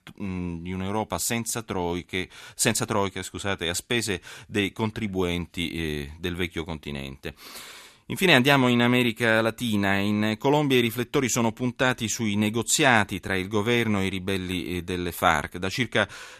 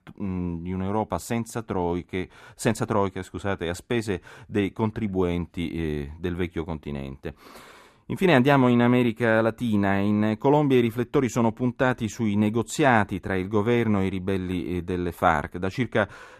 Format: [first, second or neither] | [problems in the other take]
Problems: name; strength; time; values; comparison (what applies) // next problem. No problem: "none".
first | muffled; slightly; fading above 2 kHz